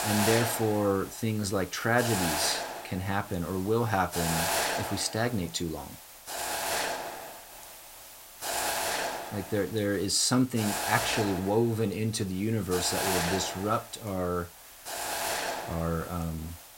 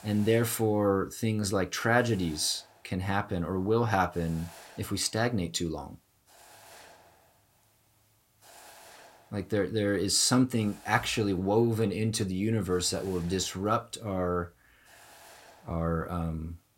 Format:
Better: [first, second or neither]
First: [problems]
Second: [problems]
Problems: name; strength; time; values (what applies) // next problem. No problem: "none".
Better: second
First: hiss; loud; throughout; 2 dB below the speech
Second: hiss; faint; throughout; 25 dB below the speech